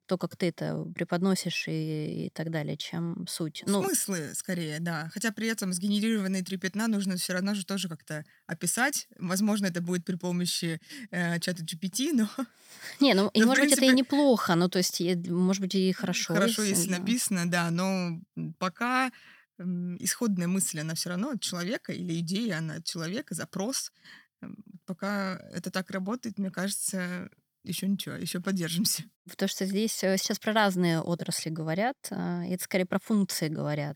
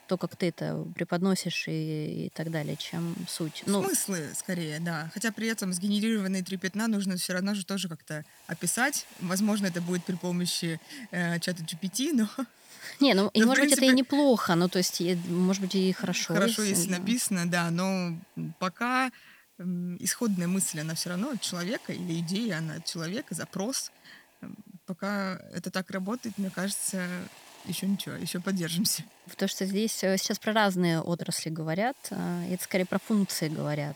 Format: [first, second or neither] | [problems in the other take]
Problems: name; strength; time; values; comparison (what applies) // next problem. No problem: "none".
first | hiss; faint; throughout; 25 dB below the speech